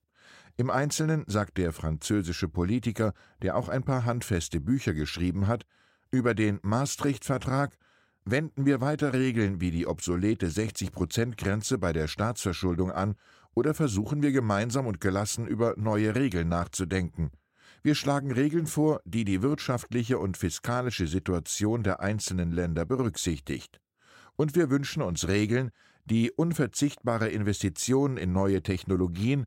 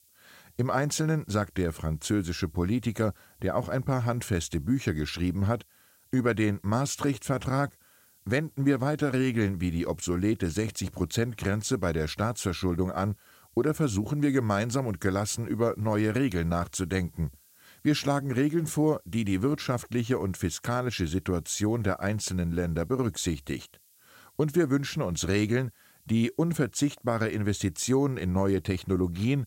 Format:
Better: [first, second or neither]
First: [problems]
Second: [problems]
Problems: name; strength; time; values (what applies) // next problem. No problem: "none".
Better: first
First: none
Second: hiss; faint; throughout; 30 dB below the speech